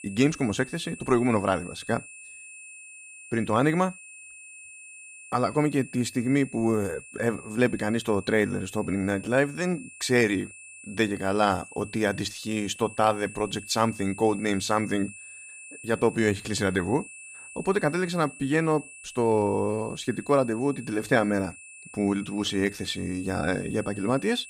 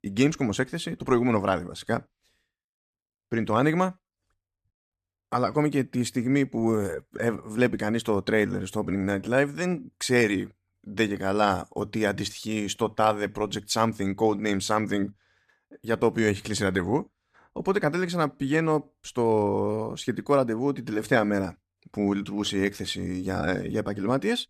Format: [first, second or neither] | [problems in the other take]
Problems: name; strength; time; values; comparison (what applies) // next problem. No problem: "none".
second | high-pitched whine; noticeable; throughout; 2.5 kHz, 15 dB below the speech